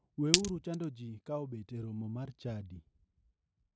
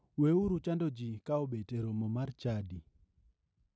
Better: second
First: background sound (Glass); 4 dB above the speech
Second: none

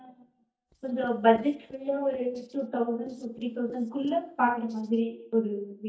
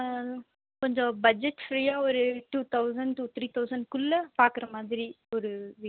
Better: second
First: noise reduction (neural mask model DeepFilterNet 3)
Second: none

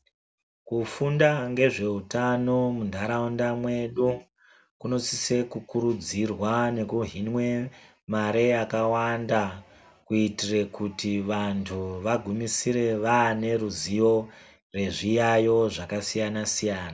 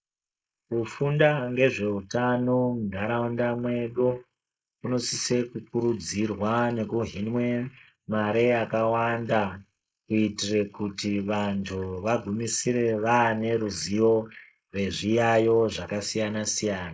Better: first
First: none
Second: noise reduction (neural mask model Resemble Enhance denoiser)

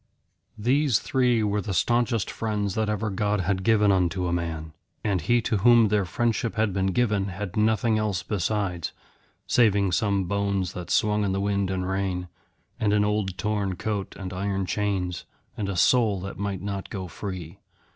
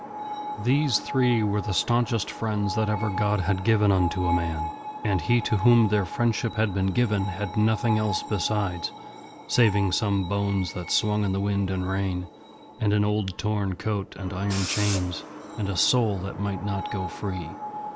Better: first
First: none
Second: background sound (Screech); 11 dB below the speech

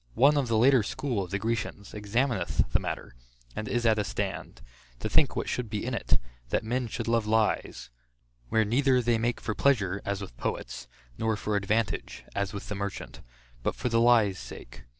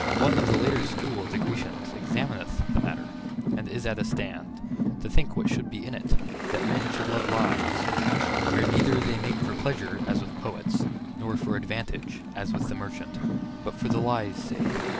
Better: first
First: none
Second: background sound (Car + Engine); 2 dB above the speech

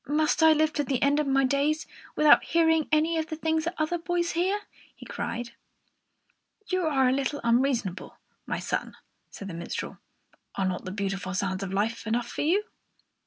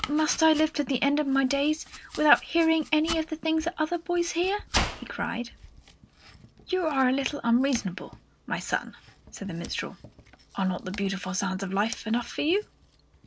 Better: first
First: none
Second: background sound (Domestic sounds, home sounds); 13 dB below the speech

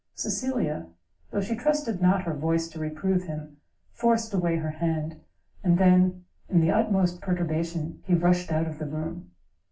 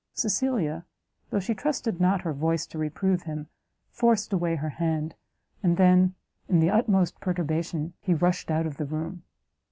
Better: second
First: room echo; dies away in 0.3 s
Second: none

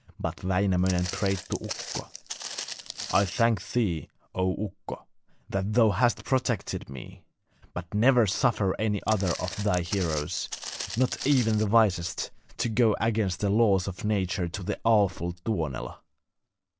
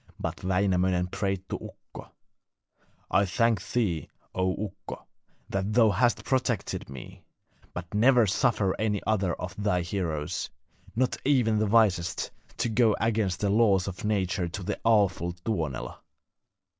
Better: second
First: background sound (Walk, footsteps); 10 dB below the speech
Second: none

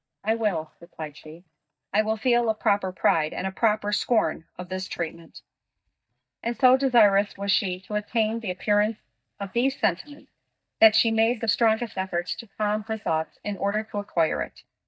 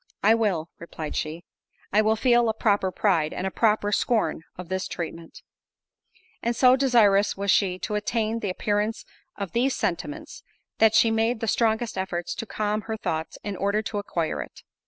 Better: second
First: noise reduction (neural mask model DeepFilterNet 3)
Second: none

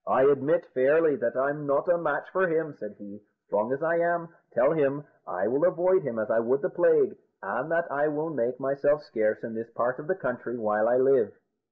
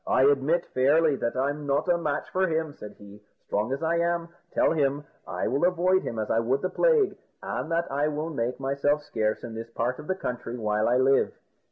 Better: second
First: noise reduction (neural mask model Resemble Enhance denoiser)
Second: none

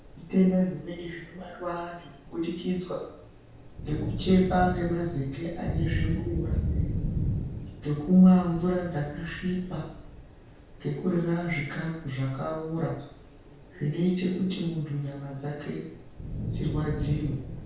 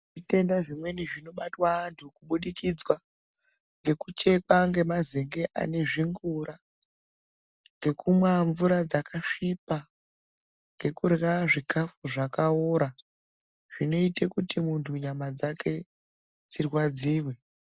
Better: second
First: background sound (Thunder / Rain); 7 dB below the speech // room echo; dies away in 0.6 s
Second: none

